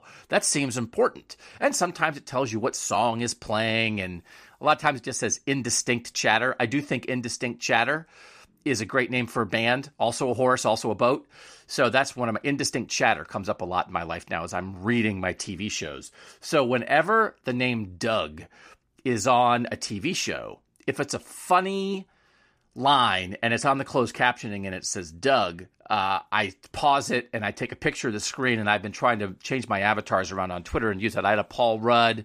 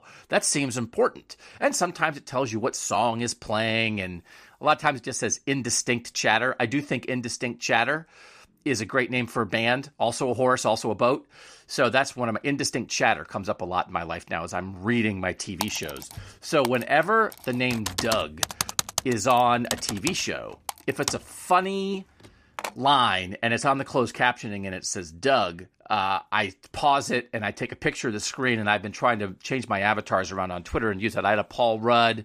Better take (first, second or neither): first